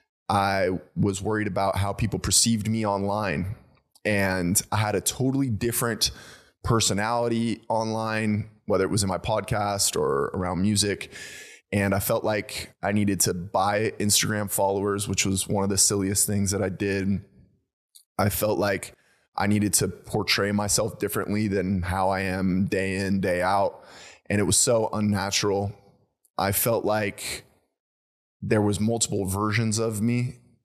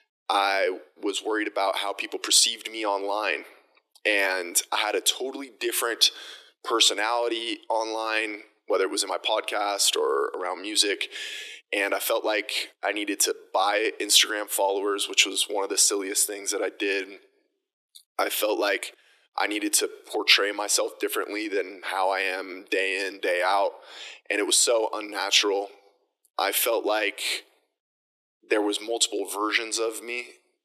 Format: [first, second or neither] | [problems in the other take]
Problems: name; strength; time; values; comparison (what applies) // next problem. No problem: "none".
first | thin; very; fading below 300 Hz